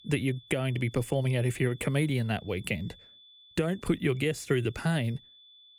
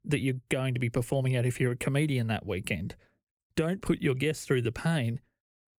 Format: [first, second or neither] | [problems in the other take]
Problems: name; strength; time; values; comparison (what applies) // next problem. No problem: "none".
second | high-pitched whine; faint; throughout; 3.5 kHz, 25 dB below the speech